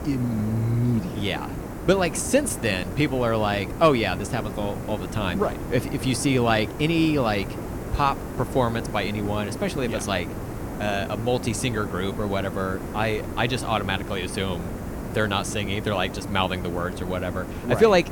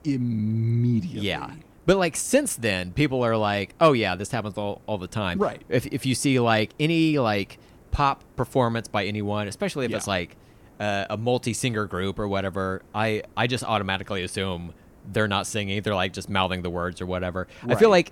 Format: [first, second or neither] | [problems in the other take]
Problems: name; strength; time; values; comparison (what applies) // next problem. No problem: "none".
second | hiss; loud; throughout; 8 dB below the speech; faint in the second